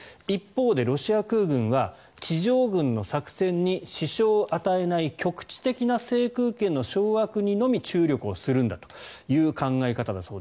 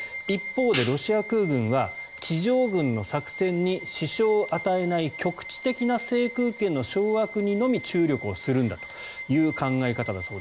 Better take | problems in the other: first | background sound (Bowed string instrument + Hi-hat); 13 dB below the speech

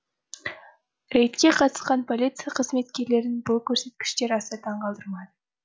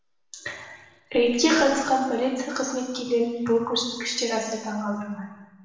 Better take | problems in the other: first | room echo; dies away in 1.3 s

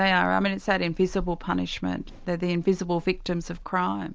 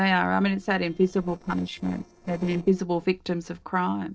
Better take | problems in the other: first | noise reduction (neural separator model SepFormer DNS4)

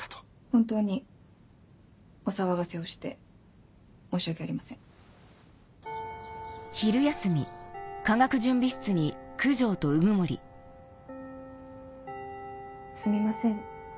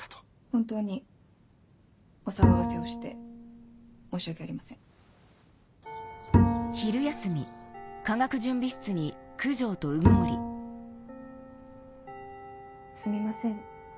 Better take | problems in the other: first | background sound (Bowed string instrument); 4 dB above the speech

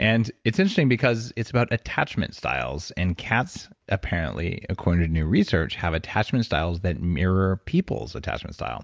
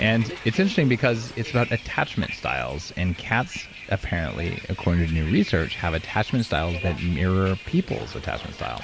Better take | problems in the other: first | background sound (Bus); 14 dB below the speech

